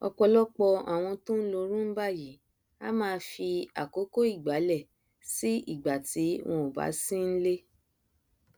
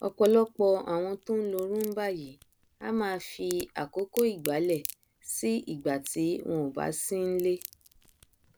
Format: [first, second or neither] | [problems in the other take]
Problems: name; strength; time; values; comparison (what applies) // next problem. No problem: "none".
first | background sound (Crack); 18 dB below the speech